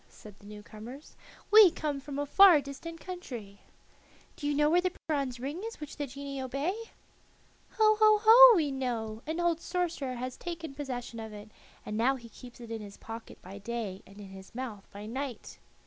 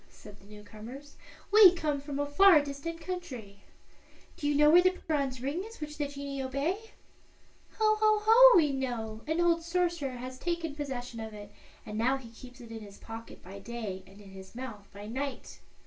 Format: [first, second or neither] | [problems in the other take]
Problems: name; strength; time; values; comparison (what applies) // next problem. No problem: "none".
first | room echo; dies away in 0.2 s